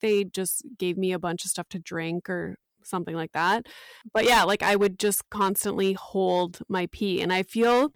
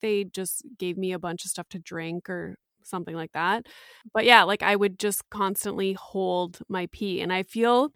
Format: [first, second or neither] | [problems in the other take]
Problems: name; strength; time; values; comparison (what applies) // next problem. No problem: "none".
second | distortion; heavy; 3% of the sound clipped